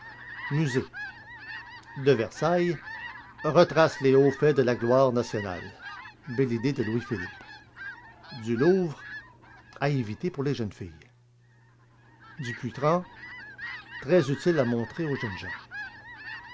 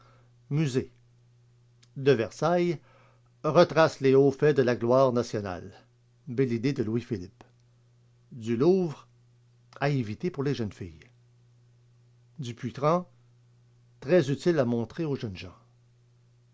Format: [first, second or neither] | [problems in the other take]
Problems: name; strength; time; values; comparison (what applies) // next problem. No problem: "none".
second | background sound (Fowl); 15 dB below the speech